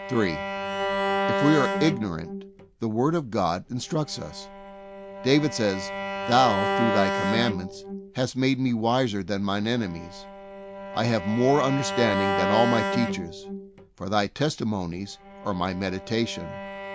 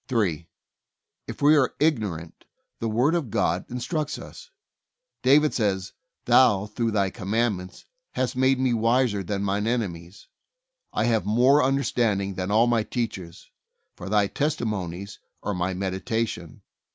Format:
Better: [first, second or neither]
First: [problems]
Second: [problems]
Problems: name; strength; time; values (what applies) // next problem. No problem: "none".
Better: second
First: background sound (Bowed string instrument); 4 dB below the speech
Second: none